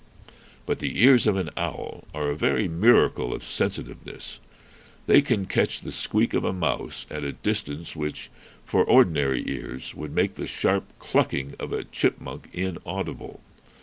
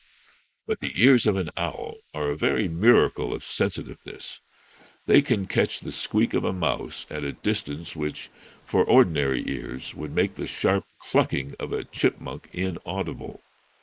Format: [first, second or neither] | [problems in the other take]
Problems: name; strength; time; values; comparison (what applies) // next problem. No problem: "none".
first | noise reduction (neural mask model Resemble Enhance denoiser)